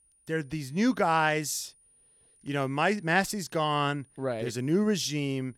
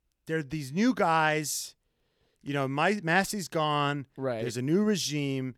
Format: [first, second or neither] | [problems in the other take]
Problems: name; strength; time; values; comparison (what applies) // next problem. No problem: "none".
second | high-pitched whine; faint; throughout; 9.5 kHz, 30 dB below the speech